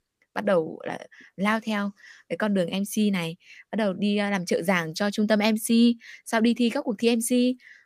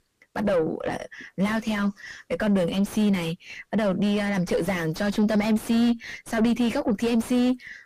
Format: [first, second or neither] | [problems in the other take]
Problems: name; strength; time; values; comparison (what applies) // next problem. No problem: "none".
first | distortion; heavy; 6 dB below the speech